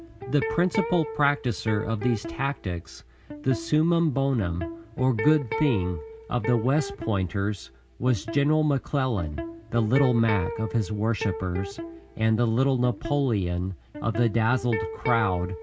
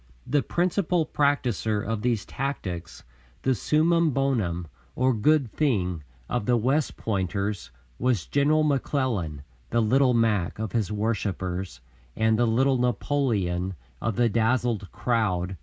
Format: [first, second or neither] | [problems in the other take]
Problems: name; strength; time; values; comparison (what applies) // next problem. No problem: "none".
second | background sound (Electric guitar); 10 dB below the speech